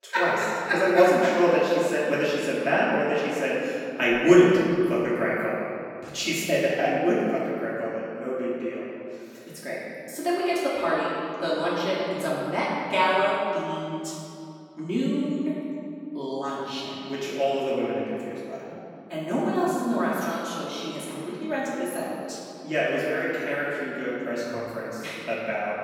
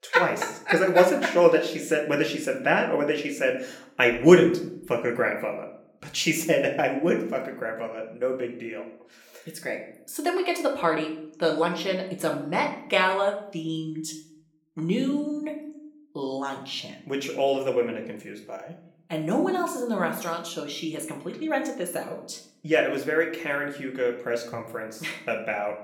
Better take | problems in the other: second | room echo; strong; dies away in 2.3 s; slight in the second // off-mic speech; far; somewhat distant in the second

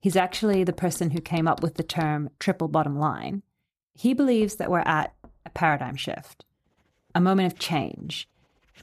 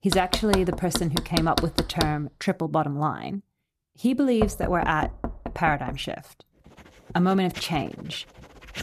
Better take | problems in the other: first | household noises; loud; throughout; 5 dB below the speech; faint in the first

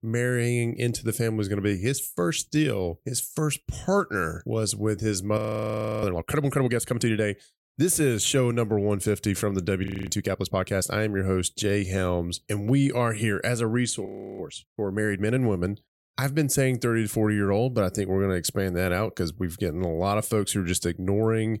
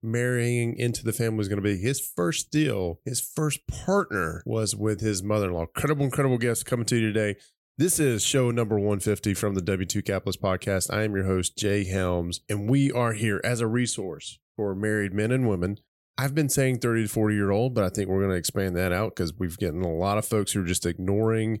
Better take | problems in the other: second | audio freezing; at 5.5 s for 0.5 s, at 10 s and at 14 s

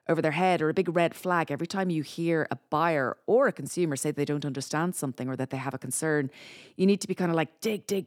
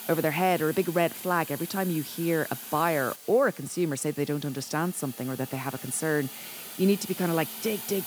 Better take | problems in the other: first | hiss; noticeable; throughout; 10 dB below the speech

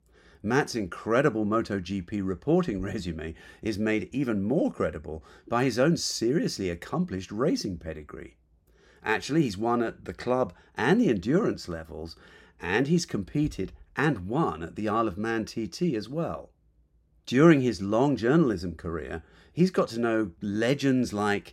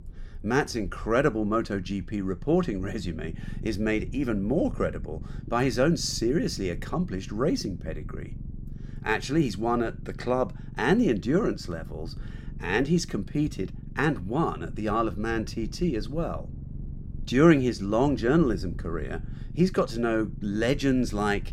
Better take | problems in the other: first | low rumble; faint; throughout; 20 dB below the speech

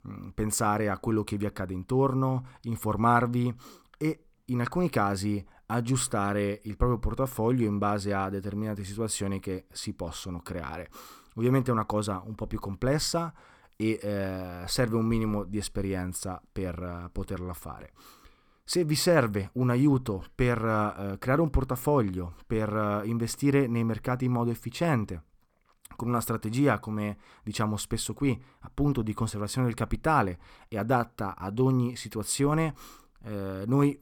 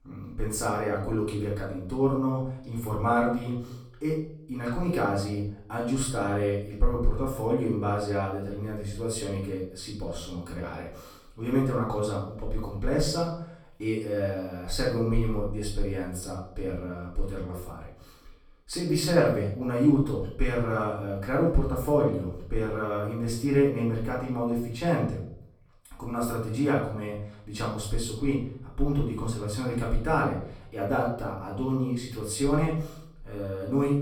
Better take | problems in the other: first | off-mic speech; far // room echo; noticeable; dies away in 0.5 s

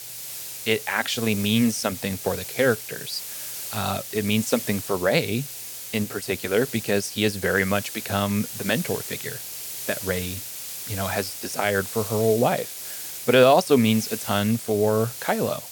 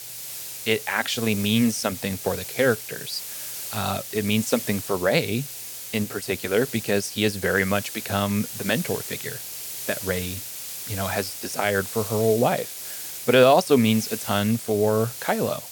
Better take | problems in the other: neither | hiss; loud; throughout; 8 dB below the speech; the same in both

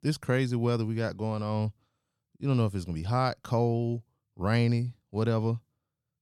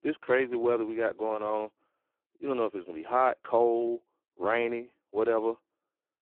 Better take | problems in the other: first | phone-call audio; poor line

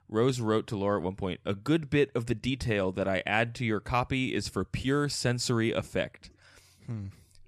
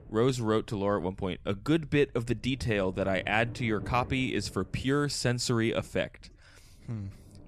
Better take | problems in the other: first | low rumble; faint; throughout; 20 dB below the speech

